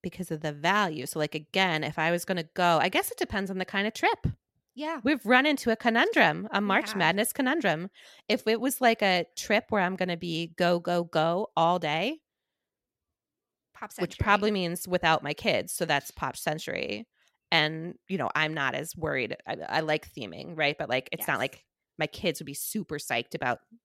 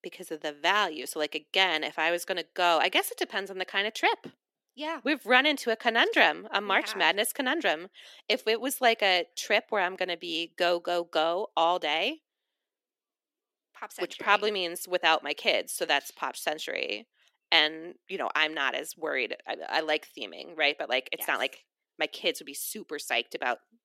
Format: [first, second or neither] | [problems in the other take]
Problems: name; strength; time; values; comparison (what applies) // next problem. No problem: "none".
first | thin; somewhat; fading below 300 Hz